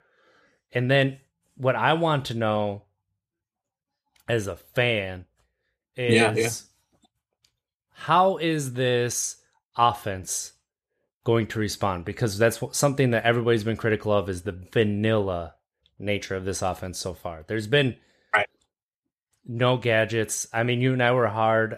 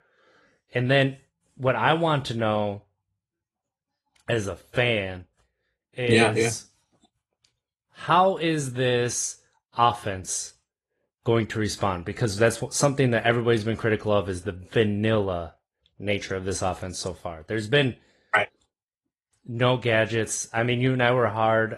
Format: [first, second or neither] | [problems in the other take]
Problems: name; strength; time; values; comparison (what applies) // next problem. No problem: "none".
first | garbled, watery; slightly; nothing above 11 kHz